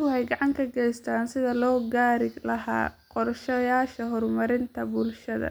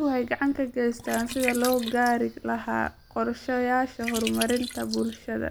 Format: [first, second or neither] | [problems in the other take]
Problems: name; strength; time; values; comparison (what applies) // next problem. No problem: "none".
first | background sound (Liquid); 12 dB below the speech